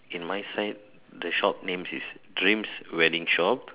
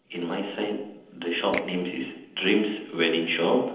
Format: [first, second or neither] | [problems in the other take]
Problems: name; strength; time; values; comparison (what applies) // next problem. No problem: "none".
first | noise reduction (neural separator model SepFormer DNS4)